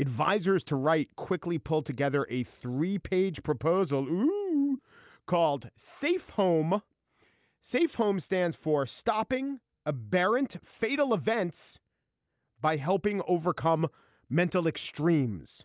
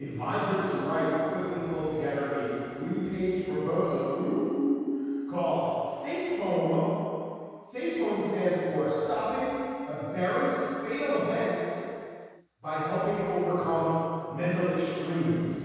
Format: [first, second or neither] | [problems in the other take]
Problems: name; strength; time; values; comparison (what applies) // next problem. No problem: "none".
first | room echo; dies away in 2.2 s